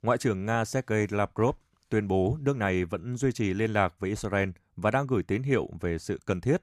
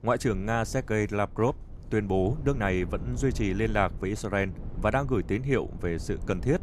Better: first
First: none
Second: low rumble; faint; throughout; 20 dB below the speech

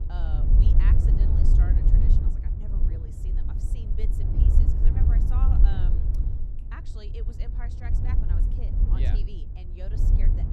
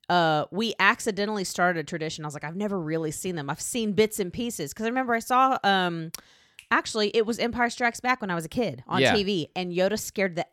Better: second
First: wind noise on the microphone; heavy; 4 dB above the speech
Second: none

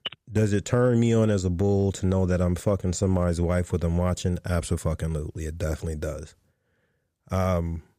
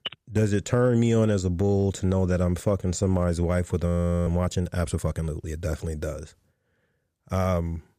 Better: first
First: none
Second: audio freezing; at 4 s

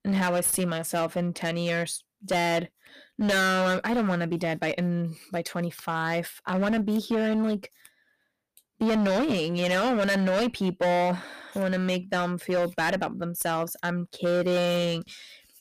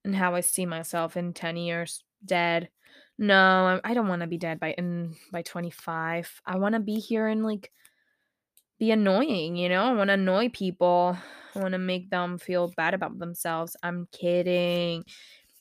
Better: second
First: distortion; heavy; 15% of the sound clipped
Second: none

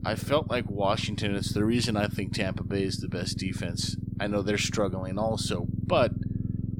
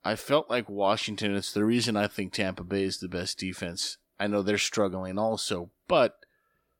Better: second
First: low rumble; noticeable; throughout; 15 dB below the speech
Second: none

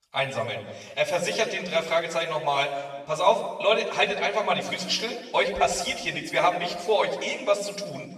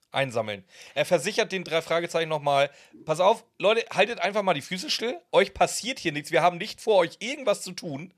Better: second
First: room echo; noticeable; dies away in 1.1 s // off-mic speech; far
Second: none

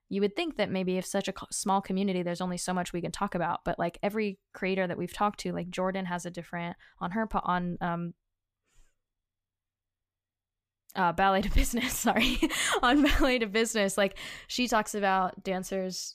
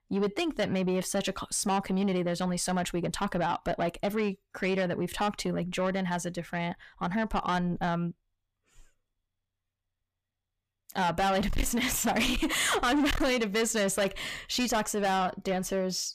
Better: first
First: none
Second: distortion; heavy; 7 dB below the speech

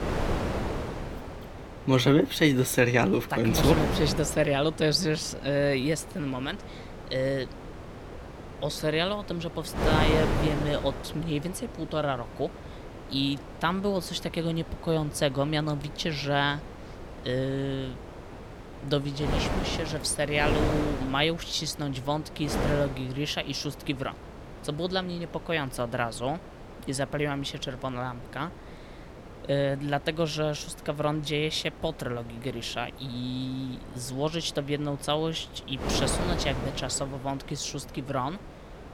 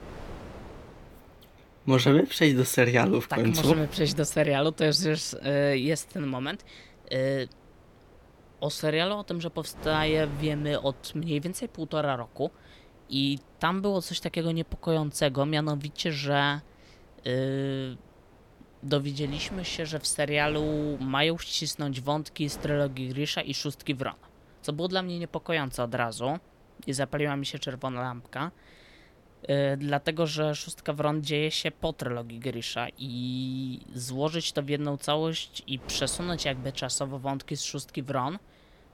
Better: second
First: wind noise on the microphone; heavy; 9 dB below the speech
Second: wind noise on the microphone; occasional gusts; 25 dB below the speech

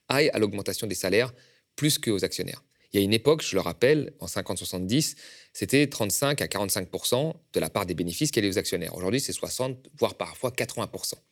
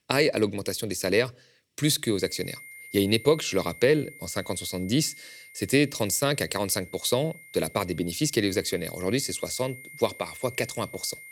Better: first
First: none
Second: high-pitched whine; noticeable; from 2 s on; 2 kHz, 20 dB below the speech

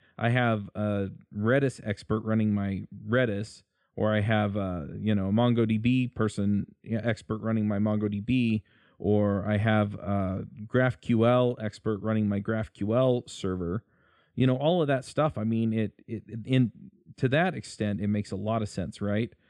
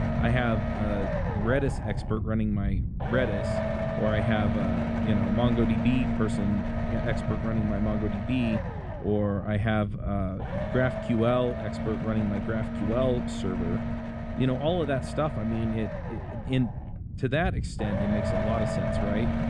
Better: first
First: none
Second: low rumble; loud; throughout; 2 dB below the speech

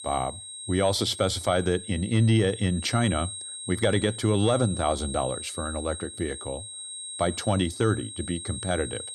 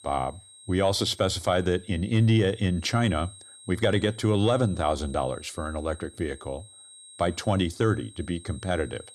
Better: second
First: high-pitched whine; loud; throughout; 8.5 kHz, 9 dB below the speech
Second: high-pitched whine; faint; throughout; 8.5 kHz, 20 dB below the speech

